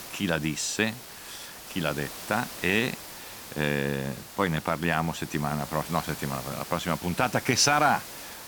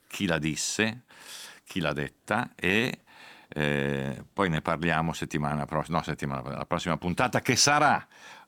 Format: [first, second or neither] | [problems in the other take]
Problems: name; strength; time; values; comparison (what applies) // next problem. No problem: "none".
second | hiss; noticeable; throughout; 10 dB below the speech